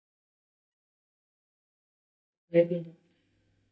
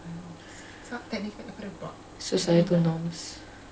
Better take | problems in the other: second | noise reduction (neural mask model DeepFilterNet 3)

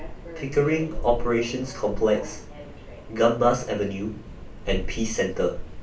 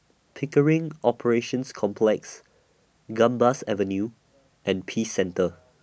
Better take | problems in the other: second | background sound (Subway, metro, underground); 7 dB below the speech // room echo; dies away in 0.3 s

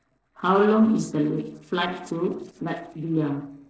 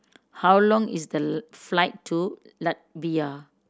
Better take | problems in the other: second | noise reduction (neural separator model SepFormer DNS4)

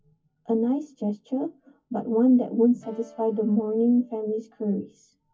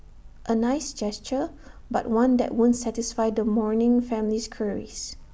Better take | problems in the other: second | noise reduction (classical method WPE with log-MMSE)

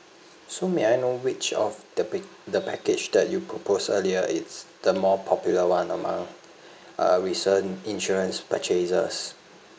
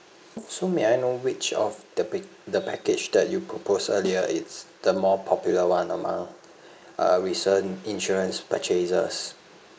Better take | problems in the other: first | noise reduction (neural mask model Resemble Enhance denoiser)

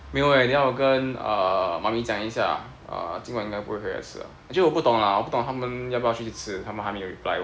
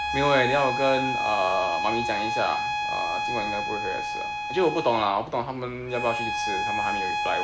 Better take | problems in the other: first | background sound (Bowed string instrument); 1 dB below the speech

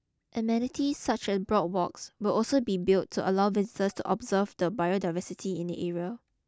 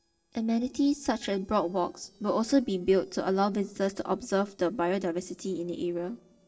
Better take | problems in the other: first | noise reduction (neural separator model SepFormer DNS4)

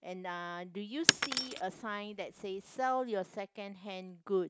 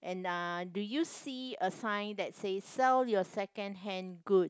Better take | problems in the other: second | background sound (Shatter); 3 dB above the speech

